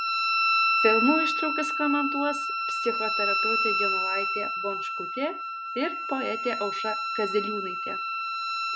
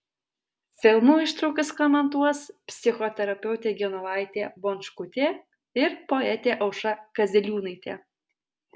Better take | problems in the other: second | background sound (Wind instrument, woodwind instrument); 3 dB above the speech

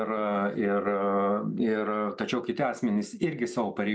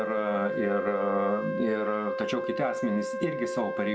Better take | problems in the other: first | background sound (Wind instrument, woodwind instrument); 3 dB below the speech

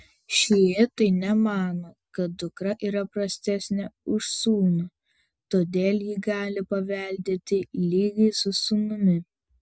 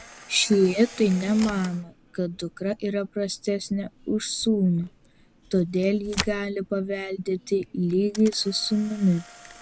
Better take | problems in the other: first | background sound (Camera); 17 dB below the speech

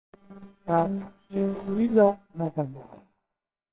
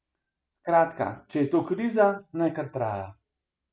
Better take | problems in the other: second | noise reduction (neural separator model SepFormer WHAMR!)

